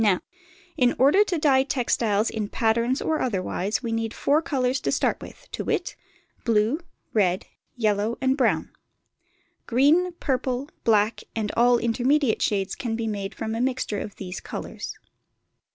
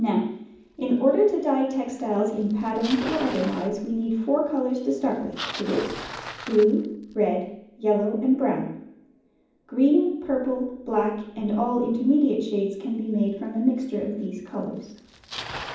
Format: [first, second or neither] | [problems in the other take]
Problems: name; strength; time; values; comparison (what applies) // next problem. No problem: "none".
first | background sound (Bicycle); 17 dB below the speech // room echo; dies away in 1.2 s